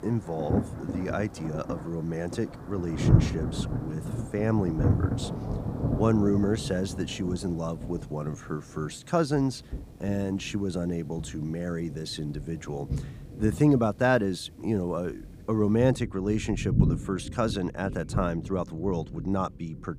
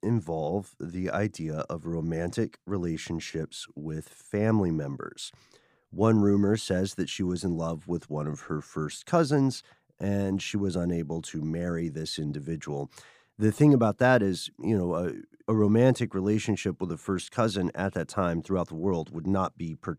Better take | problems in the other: second | rain or running water; loud; throughout; 3 dB below the speech

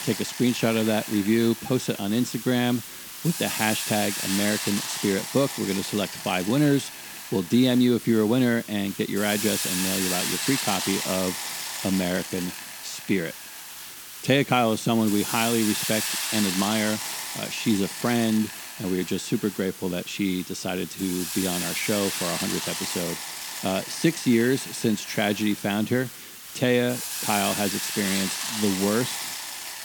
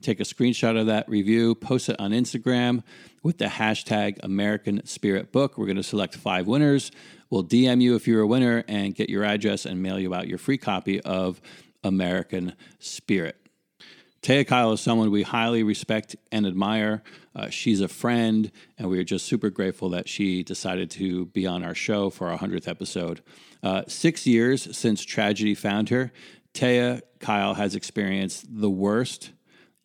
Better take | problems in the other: second | hiss; loud; throughout; 5 dB below the speech

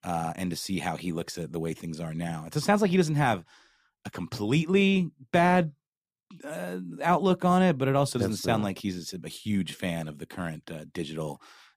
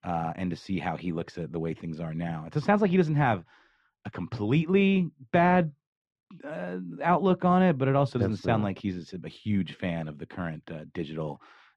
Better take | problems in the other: first | muffled; slightly; fading above 2.5 kHz

